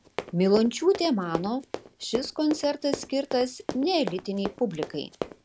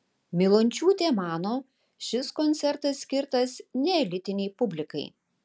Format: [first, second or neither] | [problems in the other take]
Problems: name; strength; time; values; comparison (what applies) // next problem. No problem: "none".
second | background sound (Run); 10 dB below the speech